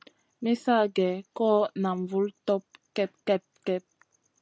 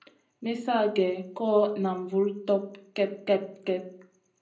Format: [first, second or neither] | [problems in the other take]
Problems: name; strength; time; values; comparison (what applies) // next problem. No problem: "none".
first | room echo; dies away in 0.5 s